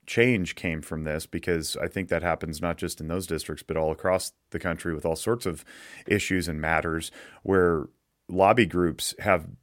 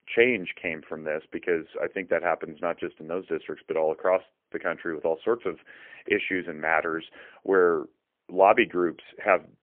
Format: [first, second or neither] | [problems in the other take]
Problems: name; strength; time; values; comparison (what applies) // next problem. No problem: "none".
first | phone-call audio; poor line